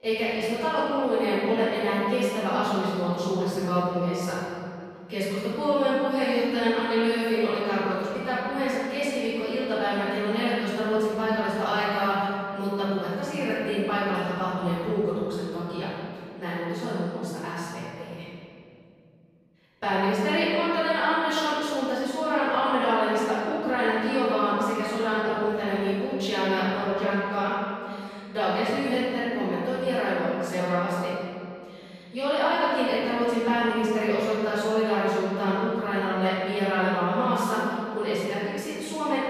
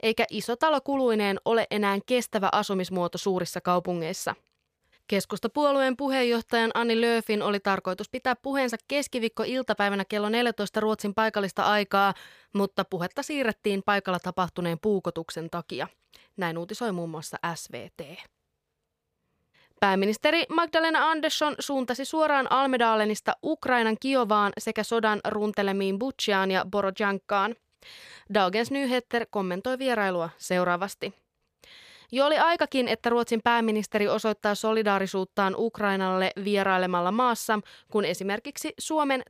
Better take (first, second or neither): second